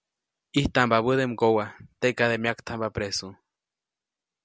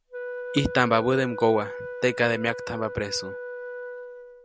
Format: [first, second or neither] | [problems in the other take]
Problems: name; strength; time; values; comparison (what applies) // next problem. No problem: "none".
first | background sound (Wind instrument, woodwind instrument); 9 dB below the speech